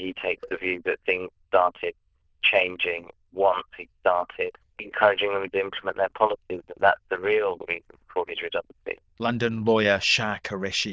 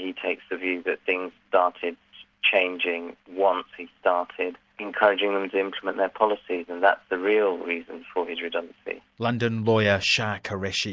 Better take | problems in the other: second | noise reduction (neural diffusion model UNIVERSE++)

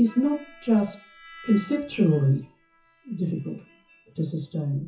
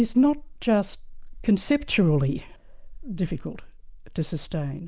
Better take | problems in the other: second | noise reduction (classical method WPE with log-MMSE)

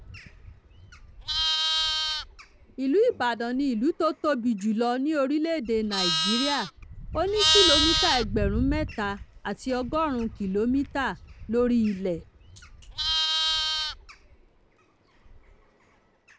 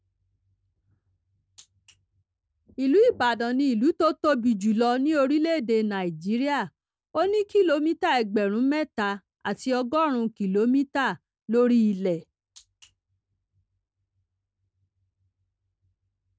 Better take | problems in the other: second | background sound (Livestock, farm animals, working animals); 2 dB below the speech

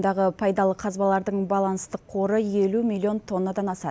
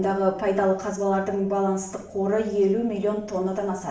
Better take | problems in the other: first | room echo; dies away in 0.5 s

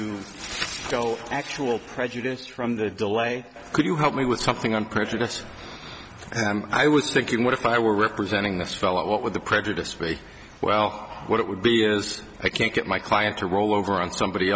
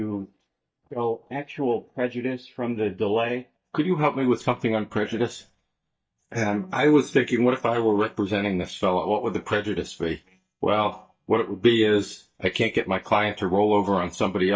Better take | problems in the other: first | noise reduction (neural mask model DeepFilterNet 3)

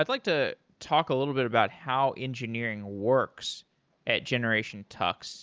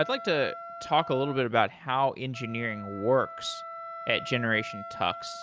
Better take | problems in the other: first | background sound (Wind instrument, woodwind instrument); 12 dB below the speech

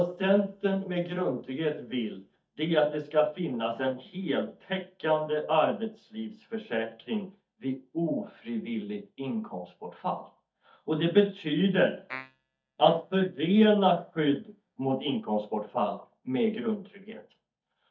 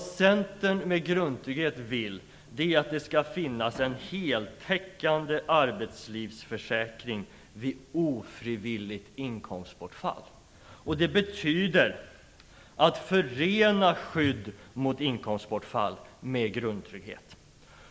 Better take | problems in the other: second | noise reduction (neural mask model DeepFilterNet 3)

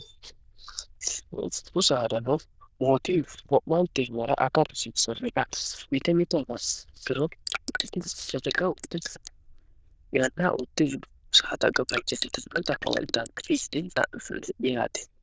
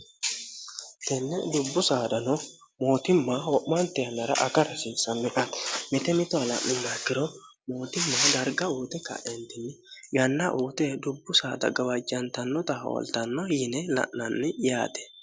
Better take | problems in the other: second | noise reduction (neural diffusion model UNIVERSE++)

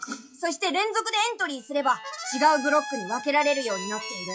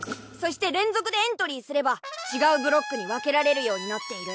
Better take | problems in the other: second | noise reduction (classical method WPE with log-MMSE)

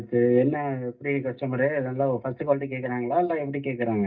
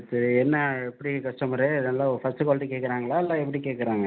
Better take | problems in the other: second | noise reduction (neural mask model DeepFilterNet 3)

